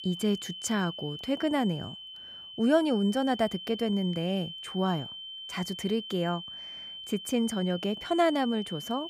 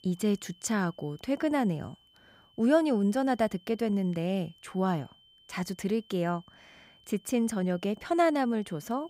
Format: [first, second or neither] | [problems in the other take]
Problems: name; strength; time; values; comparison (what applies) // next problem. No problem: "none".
second | high-pitched whine; loud; throughout; 3 kHz, 10 dB below the speech; faint in the second